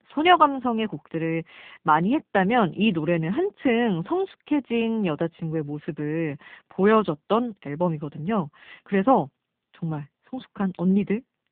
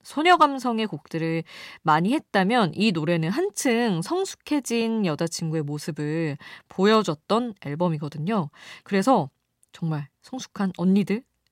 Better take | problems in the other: second | phone-call audio; poor line

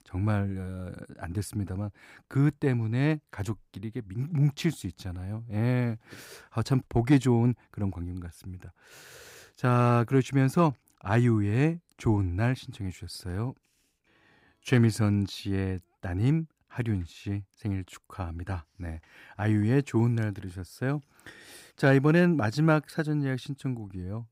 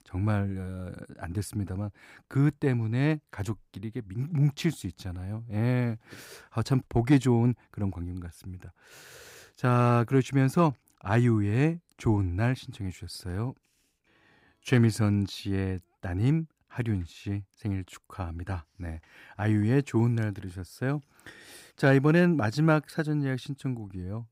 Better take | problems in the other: neither | none

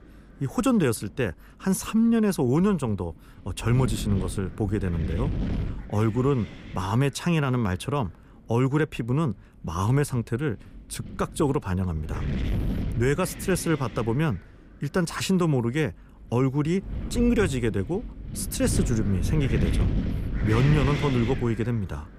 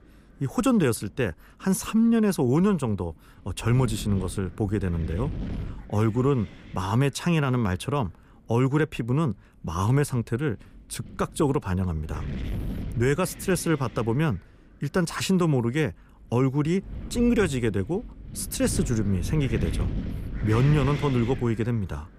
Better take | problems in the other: second | wind noise on the microphone; heavy; 9 dB below the speech; occasional gusts in the second

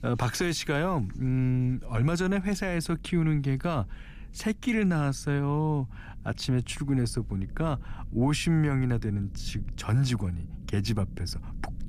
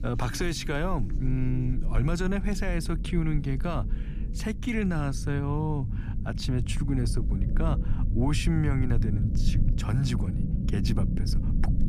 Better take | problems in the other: first | low rumble; loud; throughout; 9 dB below the speech; faint in the first

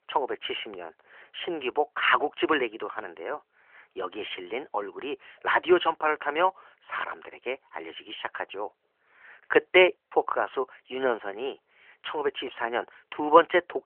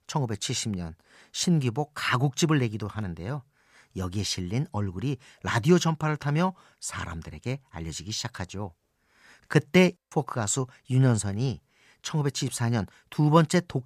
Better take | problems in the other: second | phone-call audio; nothing above 3 kHz

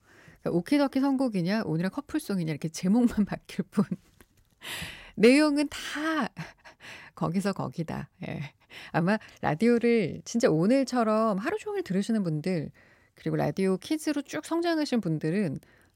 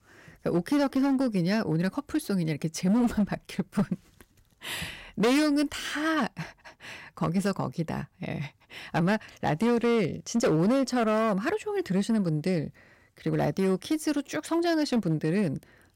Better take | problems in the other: first | distortion; slight; 7% of the sound clipped

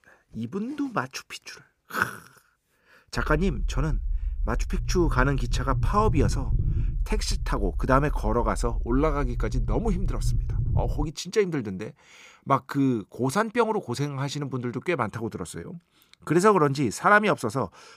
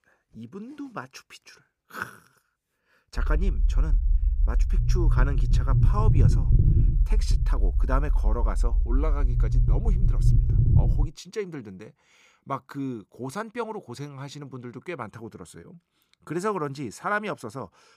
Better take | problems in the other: first | low rumble; loud; from 3 to 11 s; 6 dB below the speech; faint in the first

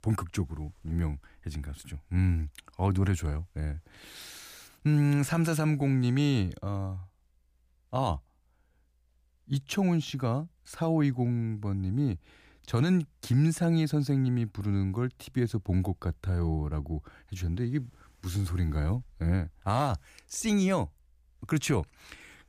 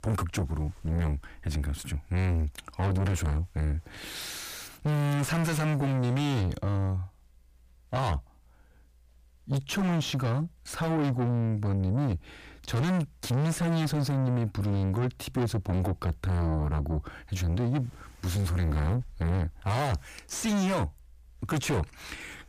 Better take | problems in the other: first | distortion; heavy; 5 dB below the speech

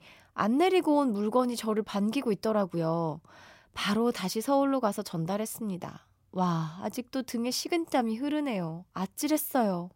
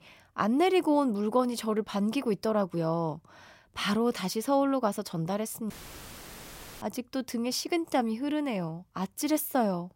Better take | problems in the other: first | audio cutting out; filled with static; at 5.5 s for 1 s

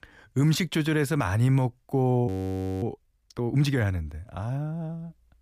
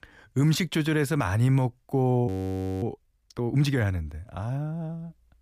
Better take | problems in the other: neither | audio freezing; at 2.5 s for 0.5 s; the same in both

